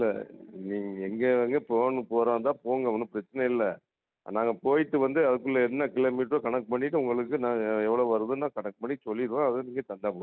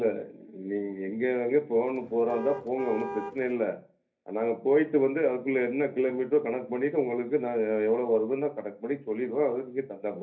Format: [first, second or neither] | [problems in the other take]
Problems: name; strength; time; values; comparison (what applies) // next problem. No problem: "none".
first | background sound (Car); 10 dB below the speech // room echo; dies away in 0.3 s